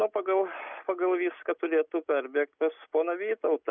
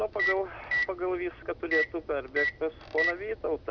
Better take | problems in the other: first | background sound (Microwave oven); 1 dB below the speech

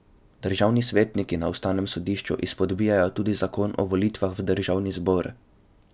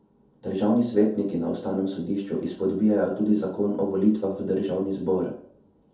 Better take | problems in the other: first | room echo; dies away in 0.5 s

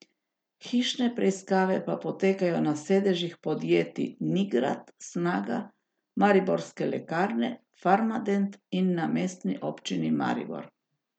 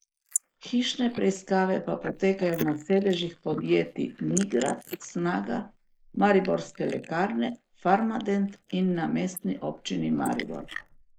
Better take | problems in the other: first | noise reduction (neural mask model Resemble Enhance denoiser)

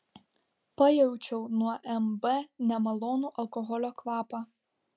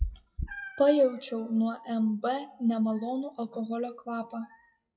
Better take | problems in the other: first | noise reduction (classical method WPE with log-MMSE)

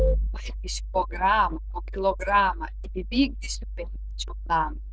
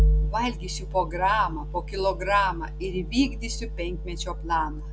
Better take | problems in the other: second | noise reduction (neural diffusion model UNIVERSE++)

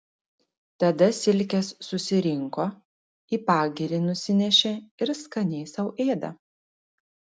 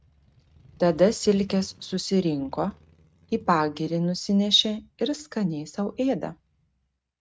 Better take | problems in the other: first | noise reduction (neural mask model RNNoise)

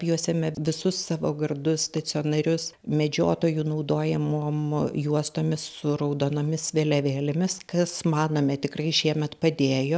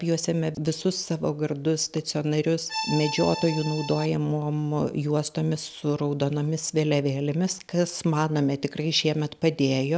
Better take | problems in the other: first | background sound (Accordion); 7 dB below the speech

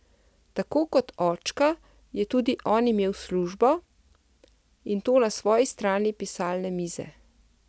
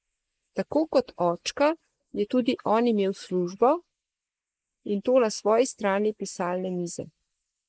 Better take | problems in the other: first | noise reduction (neural mask model Resemble Enhance denoiser)

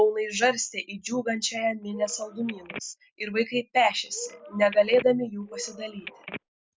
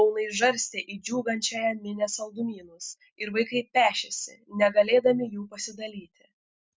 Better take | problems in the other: second | background sound (Telephone); 15 dB below the speech

